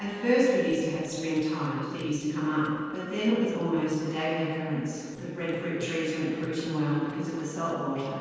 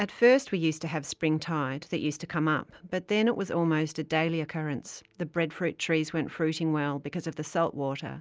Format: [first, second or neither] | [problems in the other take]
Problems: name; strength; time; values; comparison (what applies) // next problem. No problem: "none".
second | noise reduction (neural separator model SepFormer DNS4)